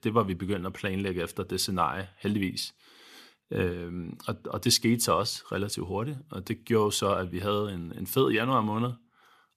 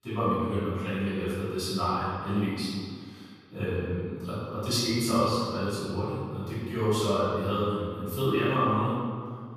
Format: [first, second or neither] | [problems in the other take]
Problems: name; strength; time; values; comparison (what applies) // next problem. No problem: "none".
first | off-mic speech; far // room echo; strong; dies away in 1.8 s